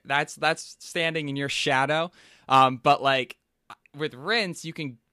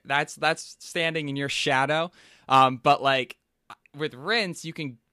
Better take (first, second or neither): neither